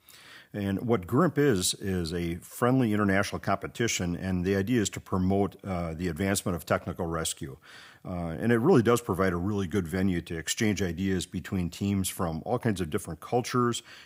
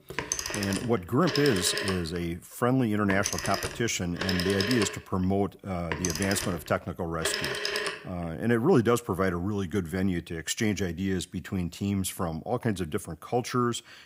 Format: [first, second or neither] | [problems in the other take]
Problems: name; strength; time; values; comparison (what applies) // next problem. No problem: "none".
first | phone ringing; noticeable; until 8 s; peak level with the speech